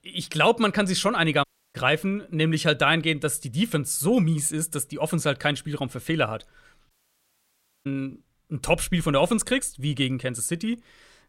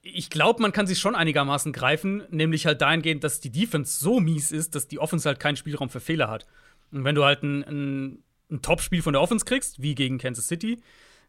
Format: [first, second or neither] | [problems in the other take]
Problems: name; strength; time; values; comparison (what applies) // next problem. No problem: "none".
second | audio cutting out; at 1.5 s and at 7 s for 1 s